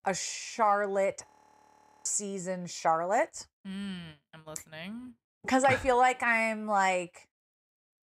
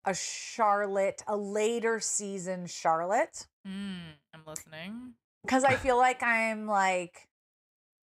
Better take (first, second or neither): second